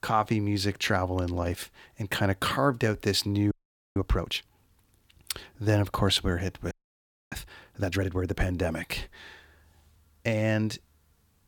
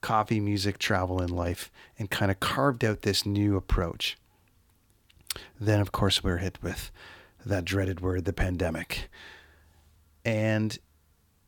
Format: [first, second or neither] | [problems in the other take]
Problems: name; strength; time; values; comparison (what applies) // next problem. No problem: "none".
second | audio freezing; at 3.5 s and at 6.5 s for 0.5 s